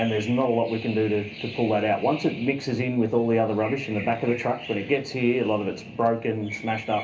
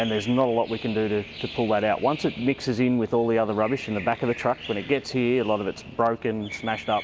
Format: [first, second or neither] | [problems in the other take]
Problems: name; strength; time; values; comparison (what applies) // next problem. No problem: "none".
second | room echo; dies away in 0.3 s